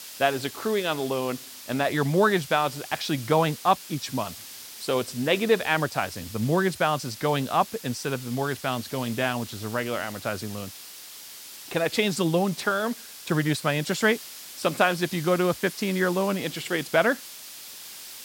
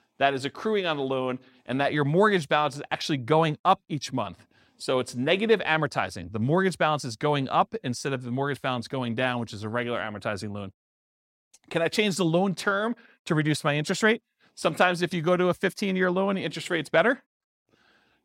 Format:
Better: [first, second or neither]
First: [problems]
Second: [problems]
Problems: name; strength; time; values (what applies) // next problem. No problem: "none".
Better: second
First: hiss; noticeable; throughout; 15 dB below the speech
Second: none